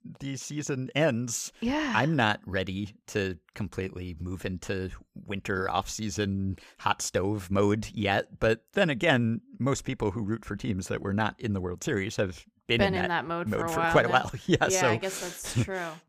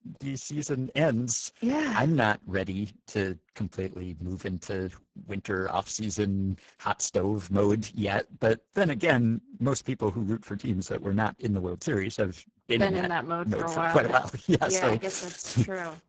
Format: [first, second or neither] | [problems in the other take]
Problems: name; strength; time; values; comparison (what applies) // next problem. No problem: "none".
first | garbled, watery; badly; nothing above 7.5 kHz